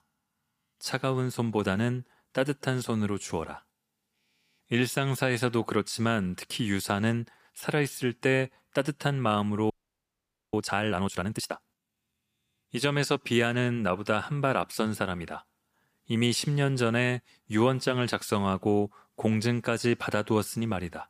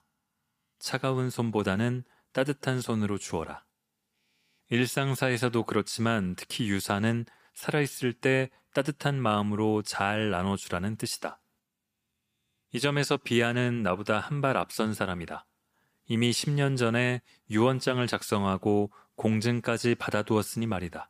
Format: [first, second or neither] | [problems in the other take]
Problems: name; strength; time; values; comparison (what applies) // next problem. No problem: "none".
second | audio freezing; at 9.5 s for 1 s